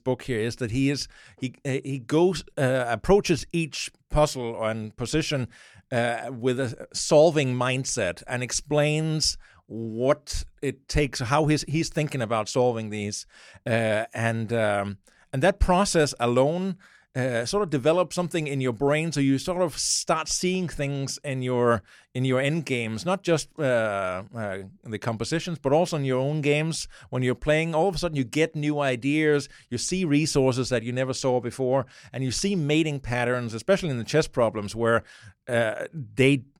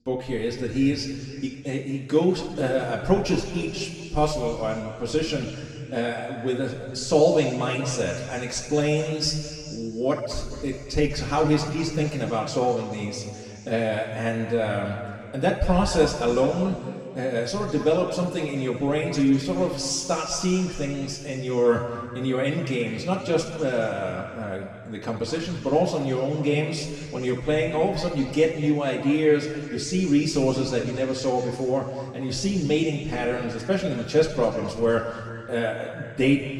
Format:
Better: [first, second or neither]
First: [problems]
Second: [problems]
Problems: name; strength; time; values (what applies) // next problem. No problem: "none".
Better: first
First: none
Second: room echo; noticeable; dies away in 2.2 s // off-mic speech; far